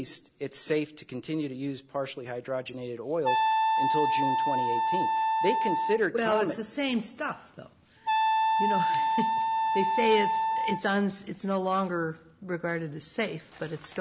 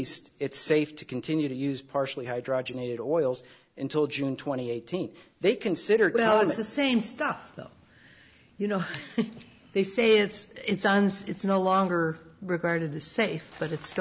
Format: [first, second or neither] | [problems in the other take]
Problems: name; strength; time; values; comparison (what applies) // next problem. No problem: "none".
second | background sound (Wind instrument, woodwind instrument); 4 dB above the speech